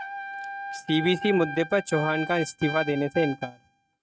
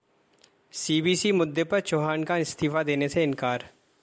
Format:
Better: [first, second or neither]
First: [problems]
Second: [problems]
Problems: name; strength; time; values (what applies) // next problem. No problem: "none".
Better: second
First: noise reduction (neural mask model RNNoise)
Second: none